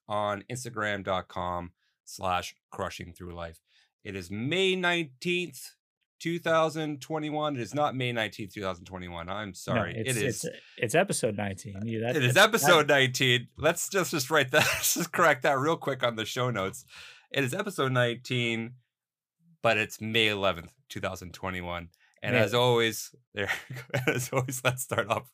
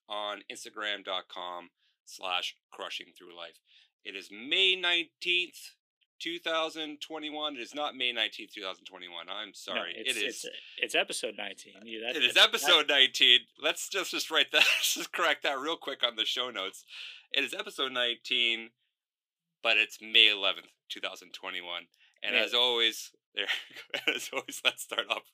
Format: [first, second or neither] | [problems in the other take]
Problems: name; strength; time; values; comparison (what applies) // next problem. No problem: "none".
first | thin; somewhat; fading below 300 Hz